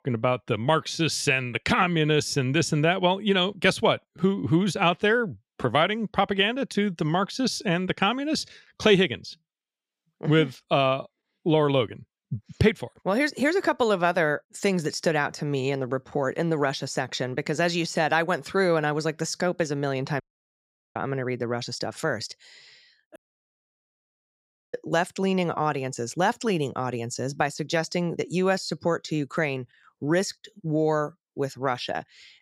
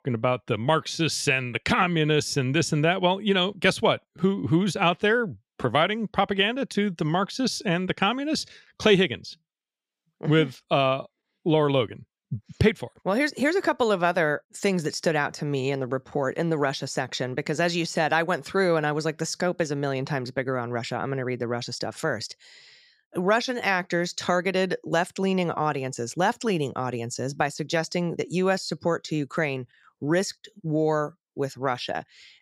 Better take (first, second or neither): second